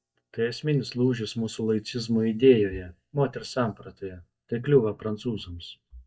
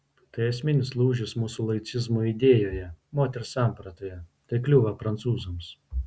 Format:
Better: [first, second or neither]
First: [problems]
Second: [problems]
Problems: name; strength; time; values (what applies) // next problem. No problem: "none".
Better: second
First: noise reduction (neural mask model DeepFilterNet 3)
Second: none